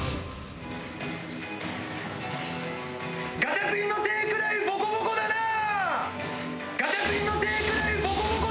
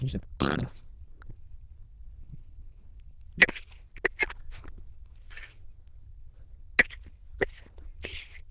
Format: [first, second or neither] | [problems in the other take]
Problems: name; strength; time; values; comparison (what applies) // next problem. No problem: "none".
first | noise reduction (neural diffusion model UNIVERSE++)